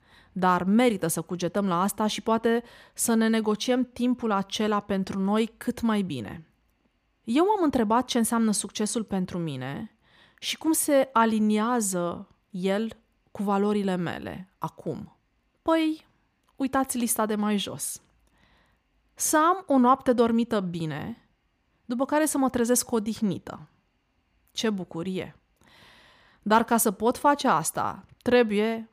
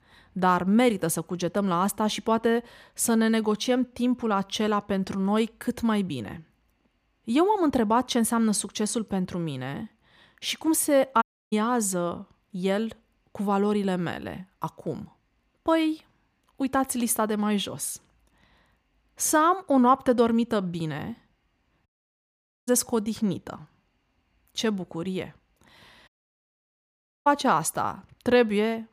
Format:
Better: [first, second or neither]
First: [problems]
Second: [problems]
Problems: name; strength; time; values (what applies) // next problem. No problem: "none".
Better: first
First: none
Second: audio cutting out; at 11 s, at 22 s for 1 s and at 26 s for 1 s